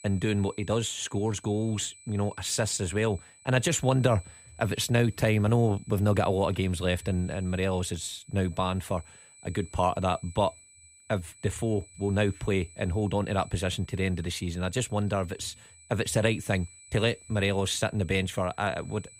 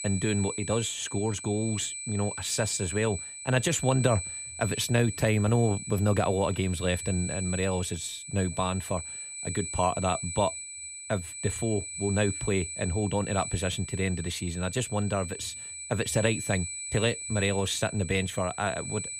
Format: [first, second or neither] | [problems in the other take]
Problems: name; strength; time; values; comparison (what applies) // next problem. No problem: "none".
first | high-pitched whine; loud; throughout; 8 kHz, 7 dB below the speech; faint in the first